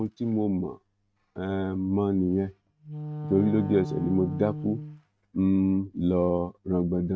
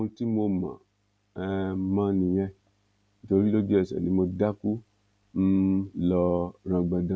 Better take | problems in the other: second | noise reduction (neural mask model RNNoise)

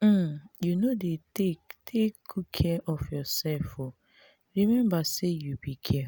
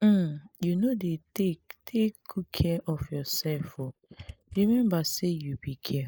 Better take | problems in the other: first | noise reduction (neural mask model Resemble Enhance denoiser)

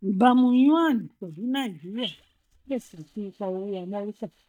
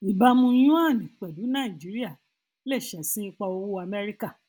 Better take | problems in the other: second | noise reduction (neural mask model DeepFilterNet 3)

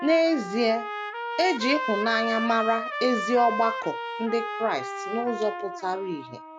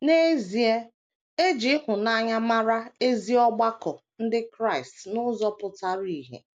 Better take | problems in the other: second | background sound (Trumpet); 6 dB below the speech

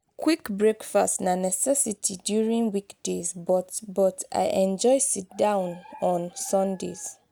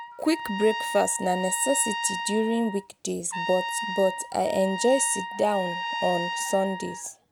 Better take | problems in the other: first | background sound (Trumpet); 6 dB below the speech

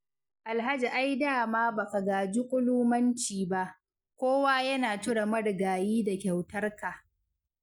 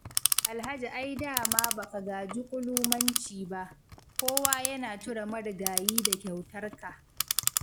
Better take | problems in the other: first | background sound (Clock); 3 dB above the speech

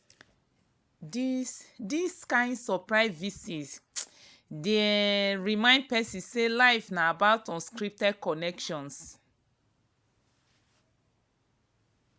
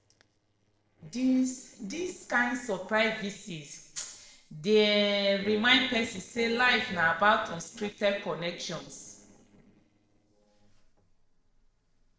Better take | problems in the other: first | noise reduction (neural separator model SepFormer DNS4)

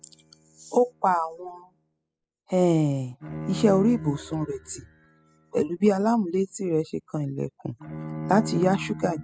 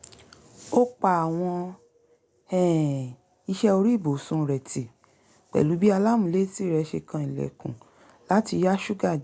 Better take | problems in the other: second | noise reduction (classical method spectral subtraction)

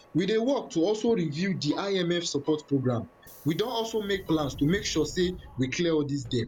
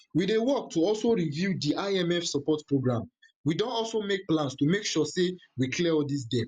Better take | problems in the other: second | background sound (Subway, metro, underground + Bowed string instrument); 20 dB below the speech

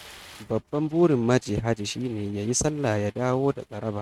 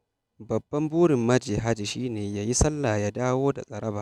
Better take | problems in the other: second | noise reduction (neural mask model RNNoise)

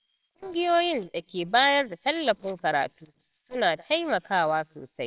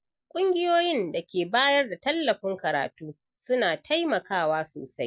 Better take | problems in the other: second | noise reduction (neural separator model SepFormer WHAMR!)

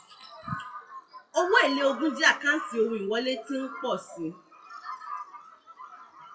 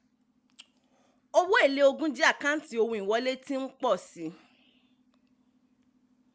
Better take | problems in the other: second | noise reduction (classical method WPE with log-MMSE)

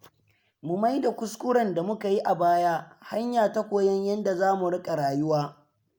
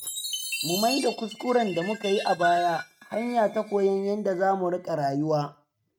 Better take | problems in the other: first | noise reduction (neural mask model RNNoise)

